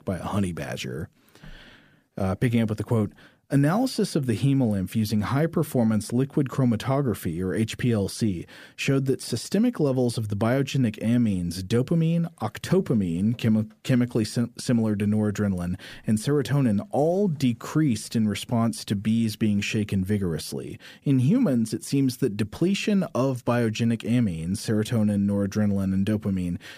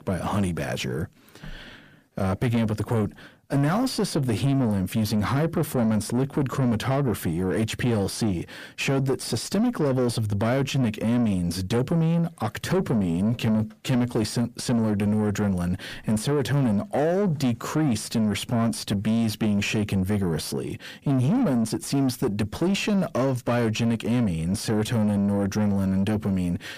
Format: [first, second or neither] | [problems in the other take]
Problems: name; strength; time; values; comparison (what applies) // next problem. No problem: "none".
first | distortion; slight; 10 dB below the speech